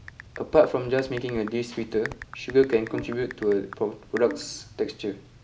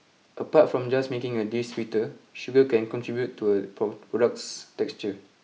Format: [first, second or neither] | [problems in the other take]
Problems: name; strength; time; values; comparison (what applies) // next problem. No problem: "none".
second | background sound (Brass instrument + Typing); 15 dB below the speech